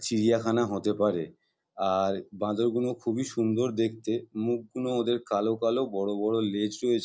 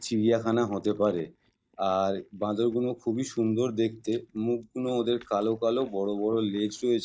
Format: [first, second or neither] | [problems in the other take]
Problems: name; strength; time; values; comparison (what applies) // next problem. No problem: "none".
first | noise reduction (neural mask model DeepFilterNet 3)